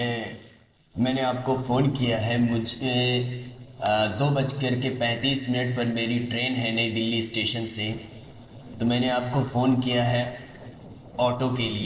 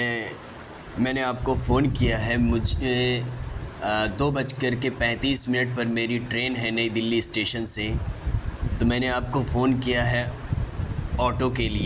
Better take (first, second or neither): second